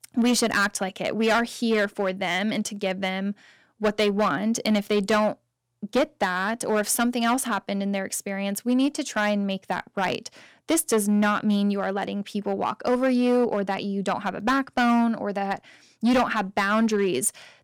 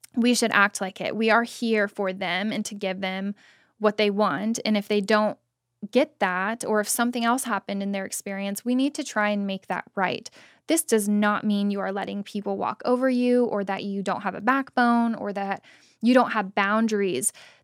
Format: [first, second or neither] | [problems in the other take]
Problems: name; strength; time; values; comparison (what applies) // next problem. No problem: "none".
second | distortion; slight; 6% of the sound clipped